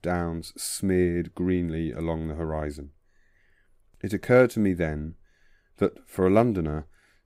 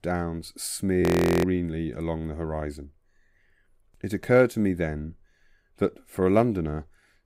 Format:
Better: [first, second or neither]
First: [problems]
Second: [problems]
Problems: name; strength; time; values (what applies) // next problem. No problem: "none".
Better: first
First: none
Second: audio freezing; at 1 s